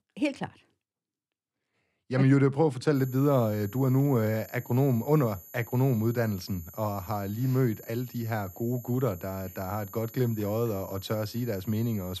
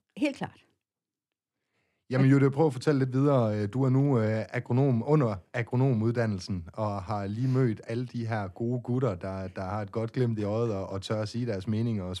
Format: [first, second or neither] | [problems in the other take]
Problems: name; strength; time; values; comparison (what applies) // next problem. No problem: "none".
second | high-pitched whine; noticeable; from 3 s on; 12 kHz, 20 dB below the speech